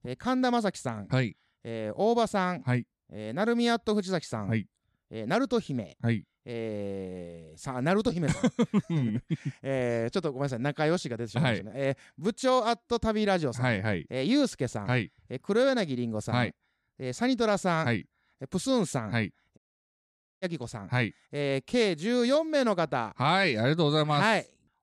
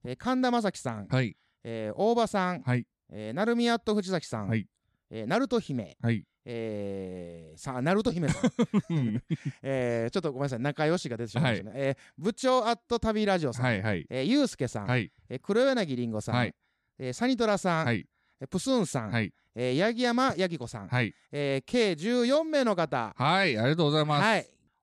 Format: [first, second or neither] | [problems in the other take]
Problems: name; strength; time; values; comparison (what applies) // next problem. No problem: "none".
second | audio cutting out; at 20 s for 1 s